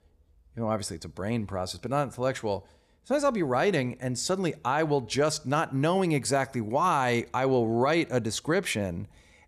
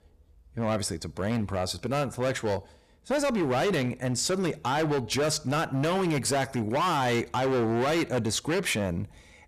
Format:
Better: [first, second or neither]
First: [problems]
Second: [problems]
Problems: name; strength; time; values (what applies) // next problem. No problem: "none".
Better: first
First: none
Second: distortion; heavy; 19% of the sound clipped